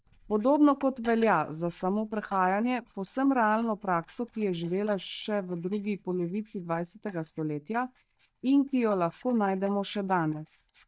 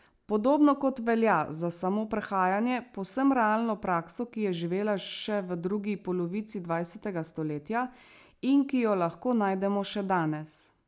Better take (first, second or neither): second